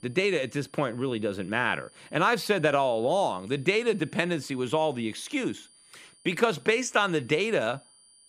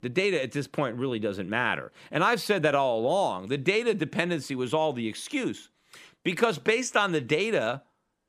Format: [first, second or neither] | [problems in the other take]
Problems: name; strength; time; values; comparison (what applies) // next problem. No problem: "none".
second | high-pitched whine; faint; throughout; 9.5 kHz, 30 dB below the speech